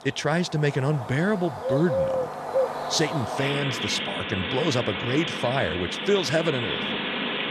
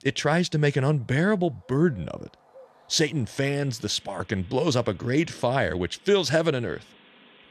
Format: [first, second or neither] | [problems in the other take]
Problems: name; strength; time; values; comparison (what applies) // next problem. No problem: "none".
second | animal sounds; loud; throughout; 2 dB below the speech; faint in the second